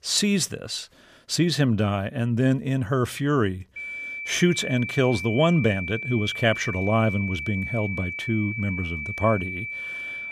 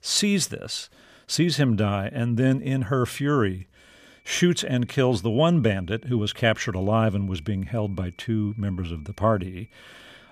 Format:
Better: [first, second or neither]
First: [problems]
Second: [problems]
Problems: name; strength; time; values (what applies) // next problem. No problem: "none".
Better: second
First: high-pitched whine; loud; from 4 s on; 2.5 kHz, 6 dB below the speech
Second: high-pitched whine; faint; from 4 s on; 2.5 kHz, 35 dB below the speech